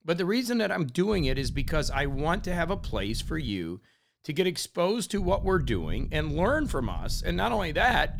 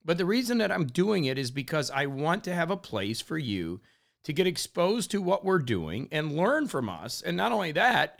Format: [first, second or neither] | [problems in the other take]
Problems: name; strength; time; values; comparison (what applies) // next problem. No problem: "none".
second | low rumble; faint; from 1 to 3.5 s and from 5 s on; 25 dB below the speech